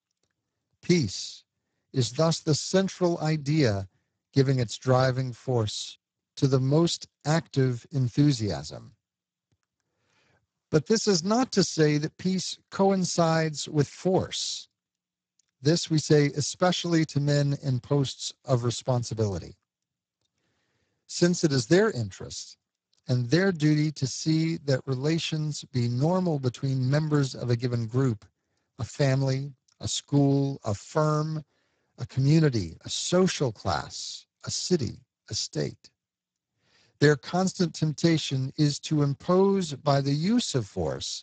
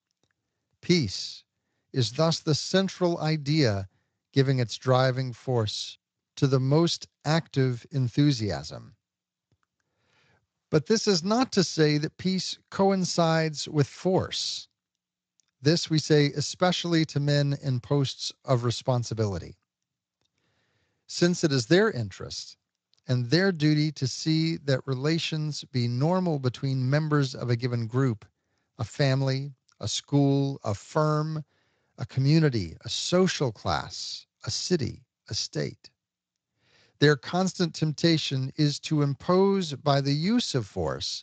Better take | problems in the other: second | garbled, watery; badly; nothing above 7.5 kHz; slightly in the second

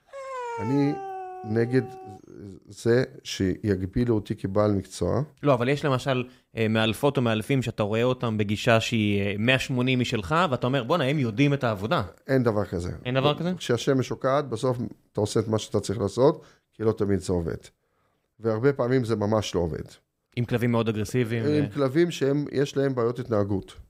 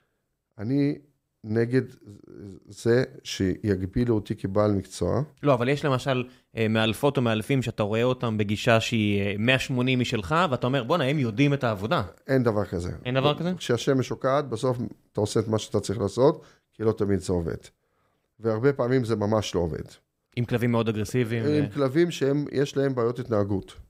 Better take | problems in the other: second | dog barking; noticeable; until 2 s; peak 8 dB below the speech

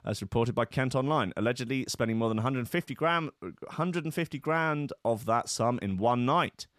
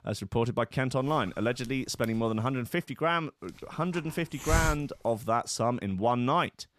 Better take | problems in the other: first | hiss; loud; from 1 to 2.5 s and from 3.5 to 5.5 s; 5 dB below the speech

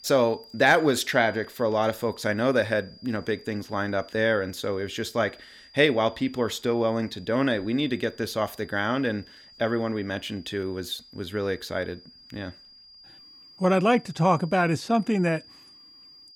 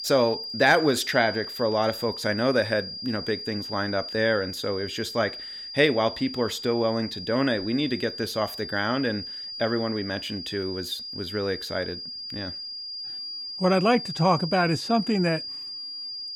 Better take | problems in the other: first | high-pitched whine; loud; throughout; 5 kHz, 8 dB below the speech; faint in the first

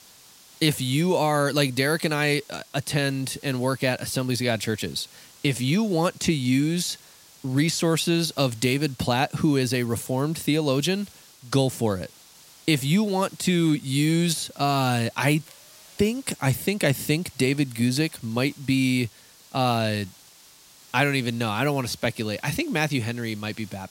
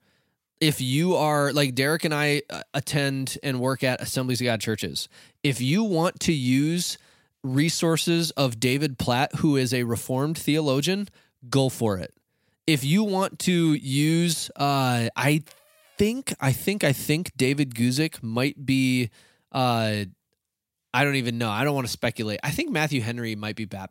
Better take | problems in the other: second | hiss; faint; throughout; 25 dB below the speech

